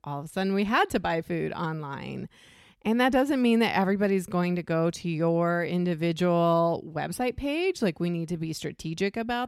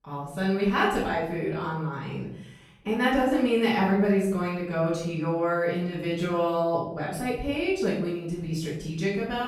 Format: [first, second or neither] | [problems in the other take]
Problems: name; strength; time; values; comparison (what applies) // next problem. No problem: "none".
first | off-mic speech; far // room echo; noticeable; dies away in 0.6 s